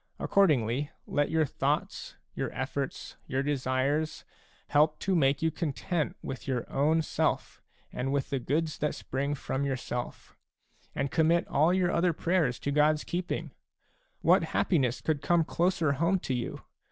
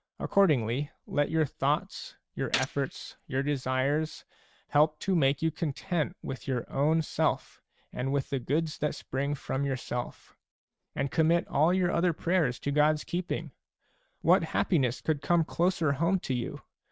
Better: first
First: none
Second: noise reduction (neural mask model RNNoise)

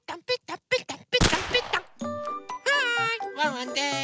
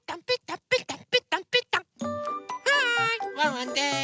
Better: second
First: background sound (Gunshot, gunfire); 1 dB below the speech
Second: none

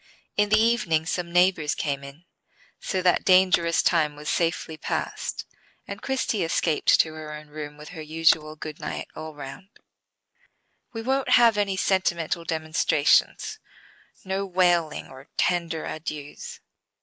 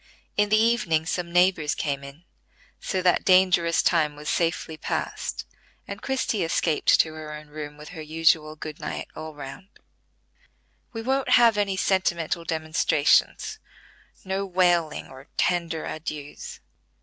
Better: second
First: noise reduction (neural mask model Resemble Enhance denoiser)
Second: none

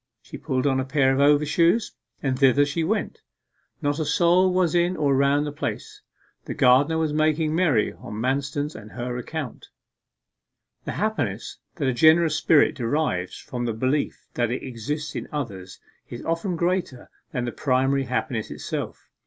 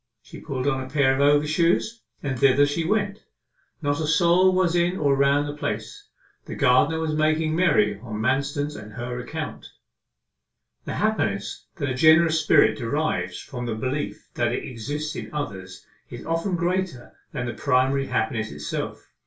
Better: first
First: none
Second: room echo; dies away in 0.3 s

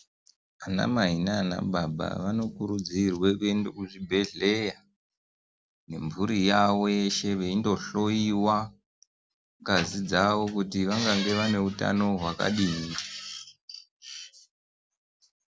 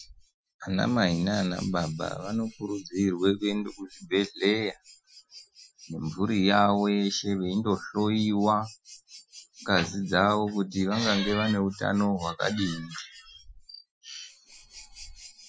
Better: first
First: none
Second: noise reduction (classical method Wiener filter)

